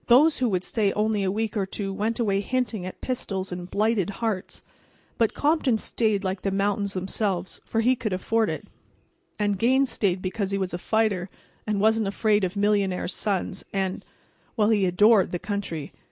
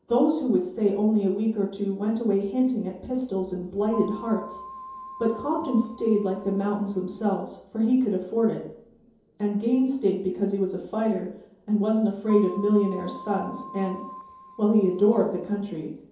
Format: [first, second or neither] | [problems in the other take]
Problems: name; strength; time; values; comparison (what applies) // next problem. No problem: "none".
first | background sound (Keyboard (musical)); 16 dB below the speech // room echo; dies away in 2.8 s